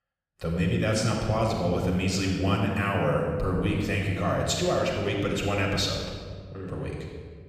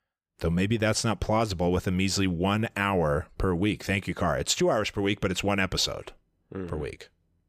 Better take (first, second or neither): second